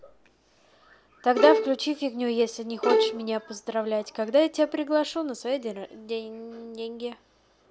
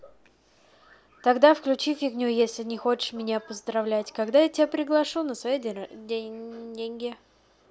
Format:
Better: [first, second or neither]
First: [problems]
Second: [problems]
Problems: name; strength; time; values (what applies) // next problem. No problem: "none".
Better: second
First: background sound (Bowed string instrument); 1 dB above the speech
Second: none